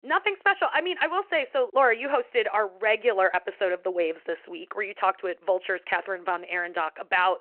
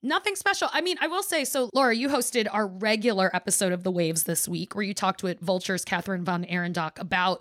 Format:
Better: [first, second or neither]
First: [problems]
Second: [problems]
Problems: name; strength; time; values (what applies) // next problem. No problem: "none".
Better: second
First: phone-call audio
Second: none